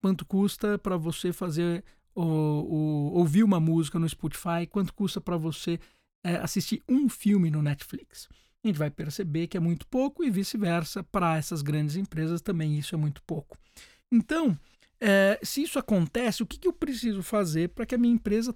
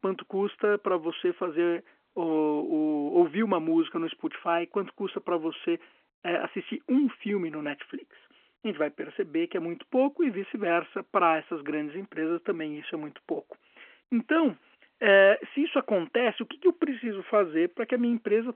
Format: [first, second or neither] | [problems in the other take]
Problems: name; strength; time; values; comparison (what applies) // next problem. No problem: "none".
first | phone-call audio